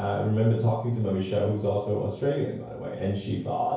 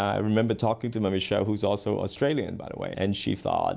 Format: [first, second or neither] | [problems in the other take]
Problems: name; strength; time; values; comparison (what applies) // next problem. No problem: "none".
second | room echo; dies away in 0.6 s